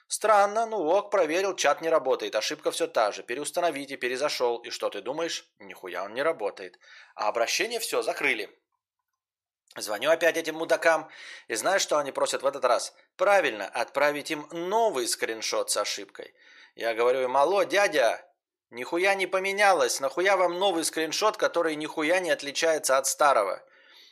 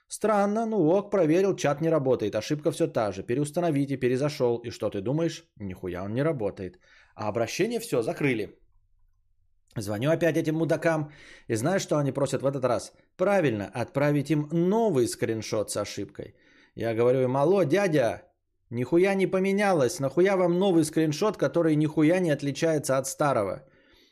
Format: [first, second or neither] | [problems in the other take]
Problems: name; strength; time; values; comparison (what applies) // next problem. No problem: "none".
second | thin; very; fading below 800 Hz